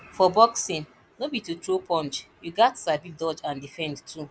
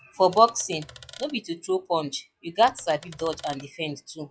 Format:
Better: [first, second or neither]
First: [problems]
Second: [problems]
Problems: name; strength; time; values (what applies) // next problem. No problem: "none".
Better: first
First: none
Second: noise reduction (classical method log-MMSE)